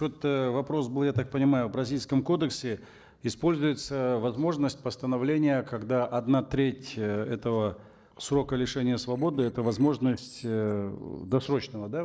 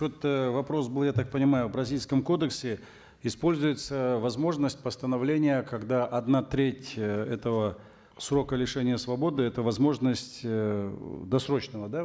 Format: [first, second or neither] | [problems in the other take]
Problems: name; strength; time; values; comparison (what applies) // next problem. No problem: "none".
second | noise reduction (neural separator model SepFormer DNS4)